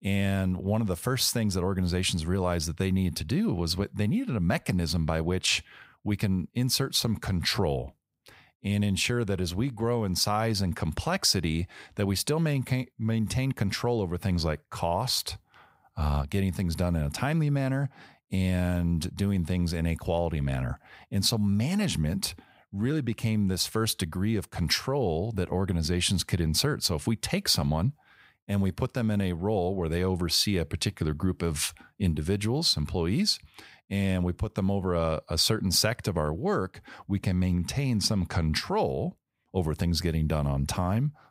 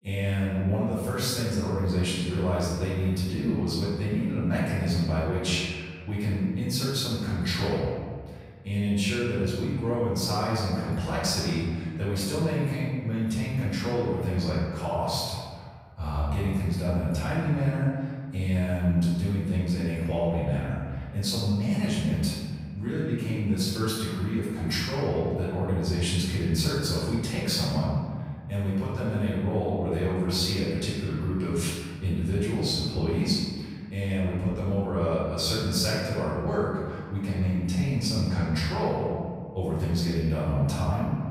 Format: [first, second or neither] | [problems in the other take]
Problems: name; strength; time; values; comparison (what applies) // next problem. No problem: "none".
first | room echo; strong; dies away in 1.7 s // off-mic speech; far